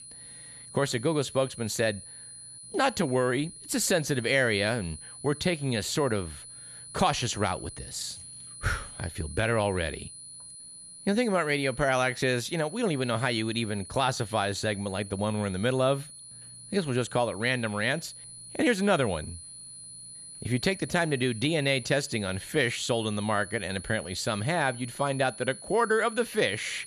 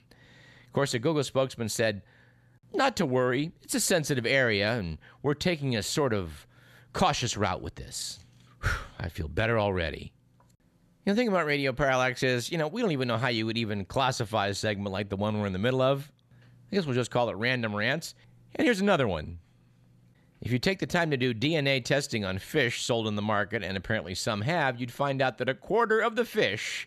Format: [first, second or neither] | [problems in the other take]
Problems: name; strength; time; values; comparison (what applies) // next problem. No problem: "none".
second | high-pitched whine; noticeable; throughout; 10 kHz, 15 dB below the speech